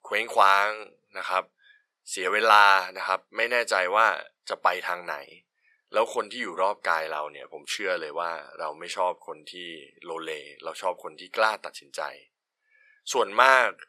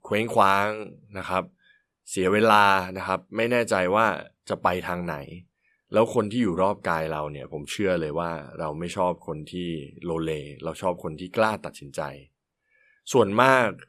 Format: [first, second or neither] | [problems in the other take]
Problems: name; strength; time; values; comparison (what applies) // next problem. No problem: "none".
second | thin; very; fading below 650 Hz